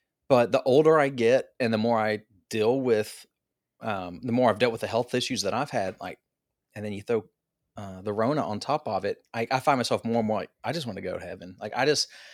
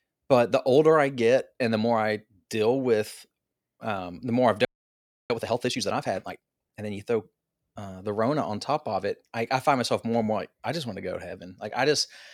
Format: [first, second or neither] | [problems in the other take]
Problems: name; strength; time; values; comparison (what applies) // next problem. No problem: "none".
first | audio freezing; at 4.5 s for 0.5 s